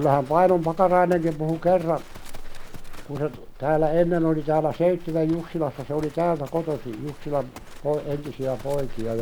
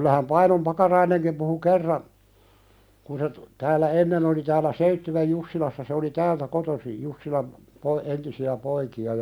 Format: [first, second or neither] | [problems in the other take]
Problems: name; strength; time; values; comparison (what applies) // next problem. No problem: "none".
second | background sound (Livestock, farm animals, working animals); 12 dB below the speech